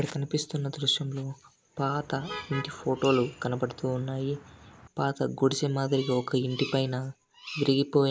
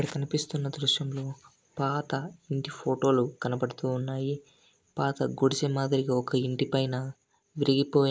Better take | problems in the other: second | background sound (Motor vehicle (road) + Bird vocalization, bird call, bird song); 17 dB below the speech

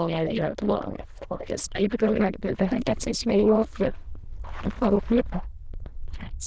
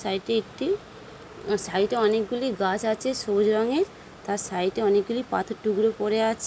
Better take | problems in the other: second | noise reduction (neural diffusion model UNIVERSE++)

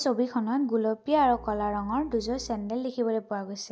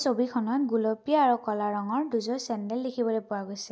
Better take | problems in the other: second | background sound (Bowed string instrument); 19 dB below the speech

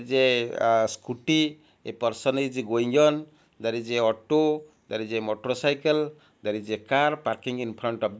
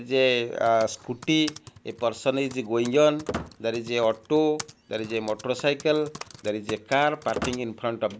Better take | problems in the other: first | background sound (Typing + Squeak); 15 dB below the speech

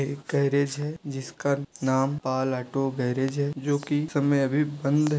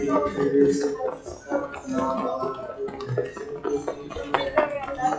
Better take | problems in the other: first | noise reduction (classical method WPE with log-MMSE)

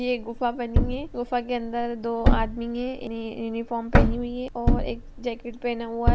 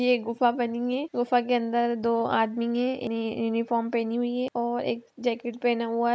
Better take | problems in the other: second | background sound (Thump, thud); 4 dB above the speech

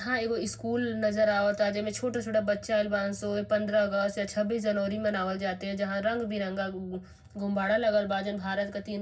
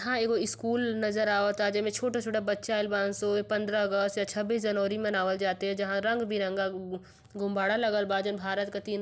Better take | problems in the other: second | room echo; dies away in 0.4 s

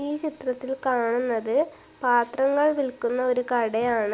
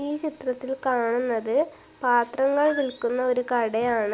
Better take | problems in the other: first | background sound (Squeak); 14 dB below the speech

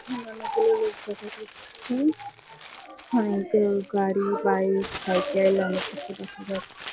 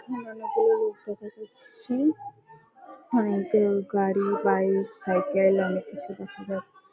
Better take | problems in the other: second | background sound (Crumpling, crinkling); 17 dB below the speech

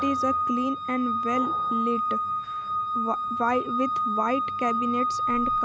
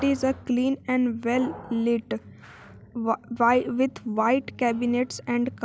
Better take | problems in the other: second | background sound (Organ); 3 dB above the speech

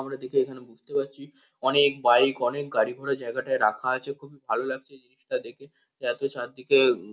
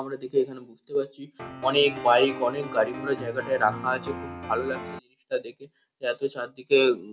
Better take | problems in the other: first | background sound (Piano); 10 dB below the speech

